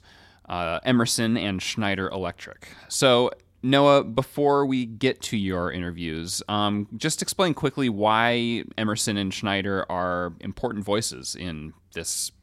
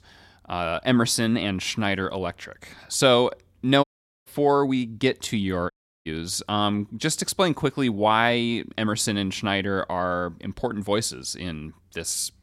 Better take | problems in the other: first | audio cutting out; at 4 s and at 5.5 s

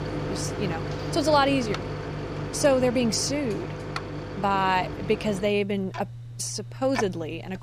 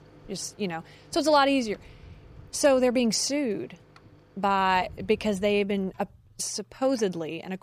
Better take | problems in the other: second | household noises; loud; throughout; 8 dB below the speech; faint in the second

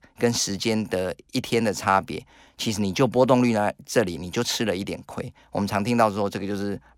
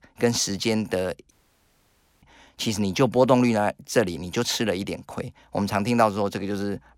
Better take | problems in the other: first | audio cutting out; at 1.5 s for 1 s

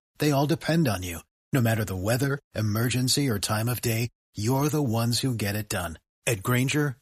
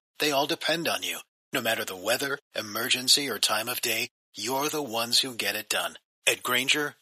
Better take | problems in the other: first | thin; very; fading below 500 Hz

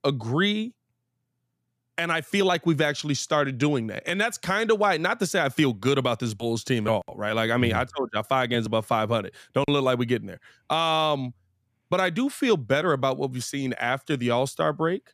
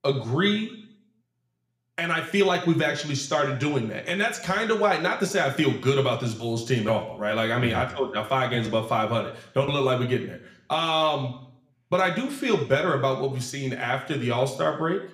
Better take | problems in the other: first | room echo; slight; dies away in 0.6 s

